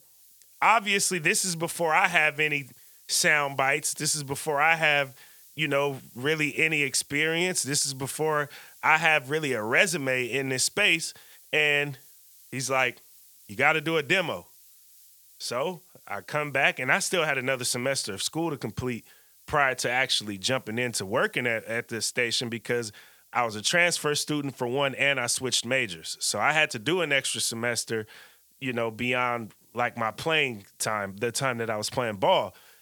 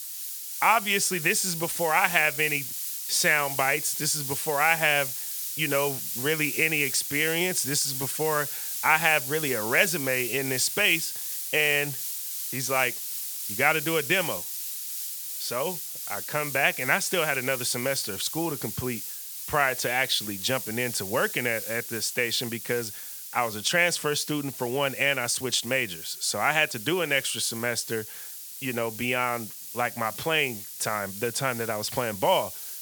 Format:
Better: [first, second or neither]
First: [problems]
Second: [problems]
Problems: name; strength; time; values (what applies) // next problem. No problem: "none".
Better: first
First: hiss; faint; throughout; 25 dB below the speech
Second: hiss; loud; throughout; 6 dB below the speech